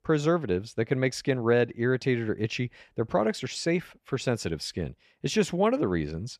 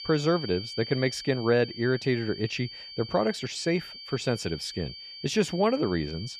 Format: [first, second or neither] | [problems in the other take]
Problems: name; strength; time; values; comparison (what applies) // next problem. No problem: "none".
first | high-pitched whine; noticeable; throughout; 4.5 kHz, 10 dB below the speech